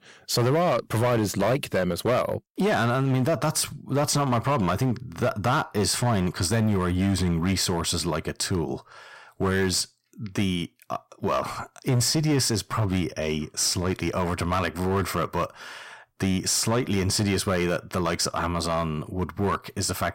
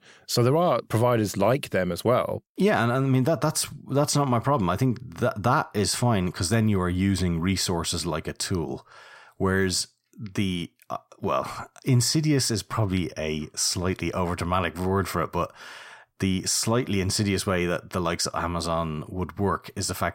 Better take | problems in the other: second | distortion; slight; 10% of the sound clipped

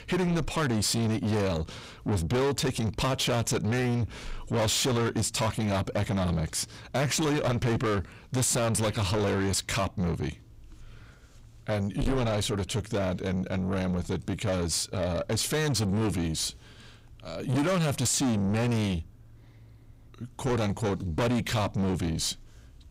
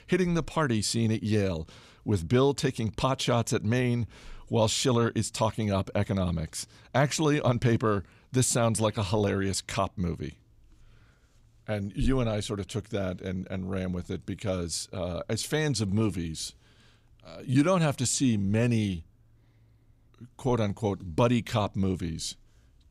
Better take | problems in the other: second | distortion; heavy; 6 dB below the speech

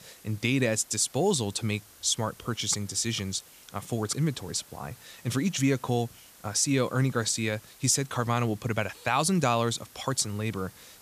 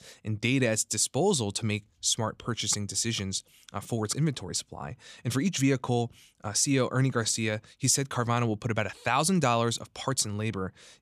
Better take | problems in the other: second | hiss; faint; throughout; 25 dB below the speech

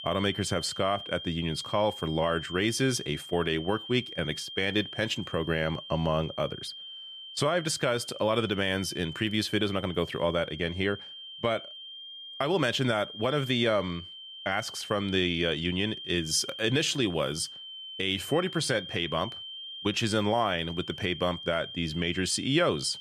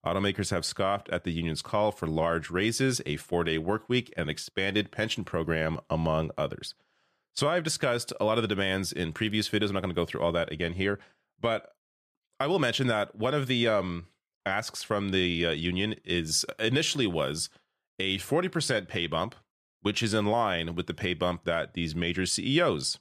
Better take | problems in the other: second | high-pitched whine; noticeable; throughout; 3 kHz, 10 dB below the speech

